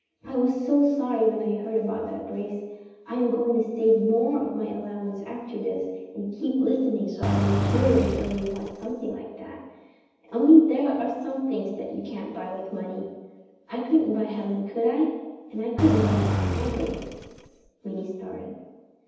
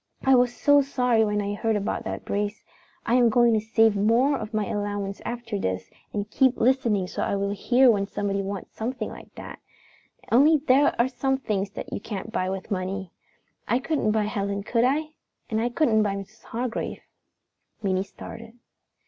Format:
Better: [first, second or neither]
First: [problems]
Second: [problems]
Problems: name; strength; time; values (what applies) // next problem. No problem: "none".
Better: second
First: background sound (Engine); 1 dB below the speech // room echo; dies away in 1.1 s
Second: none